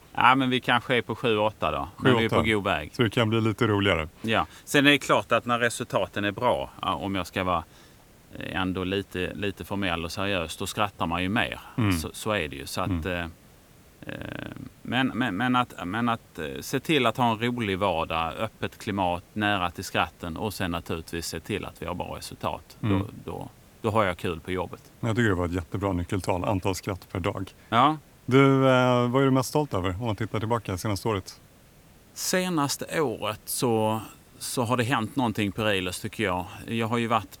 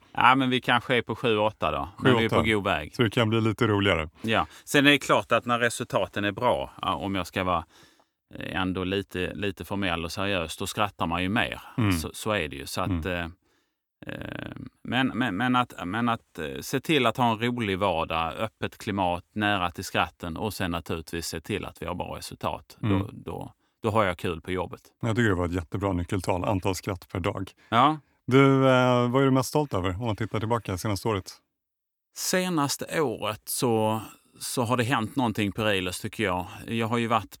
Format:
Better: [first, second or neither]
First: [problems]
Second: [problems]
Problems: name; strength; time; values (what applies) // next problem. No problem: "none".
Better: second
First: hiss; faint; throughout; 30 dB below the speech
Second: none